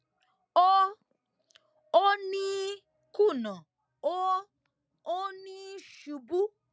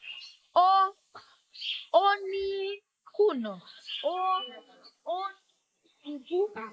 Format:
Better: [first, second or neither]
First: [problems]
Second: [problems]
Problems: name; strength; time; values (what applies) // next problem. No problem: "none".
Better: first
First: none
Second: noise reduction (neural mask model Resemble Enhance denoiser)